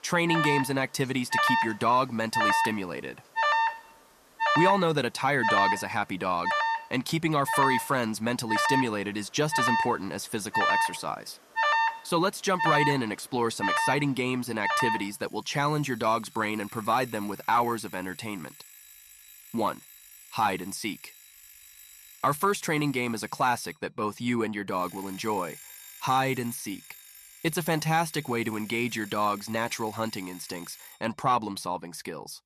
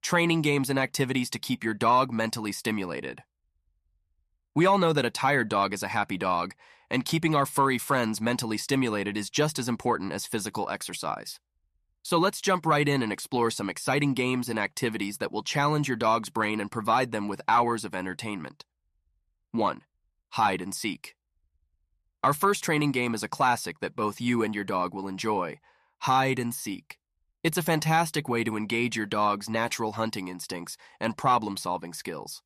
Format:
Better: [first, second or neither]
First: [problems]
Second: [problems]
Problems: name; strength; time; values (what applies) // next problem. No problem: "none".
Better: second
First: alarms or sirens; very loud; throughout; 1 dB above the speech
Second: none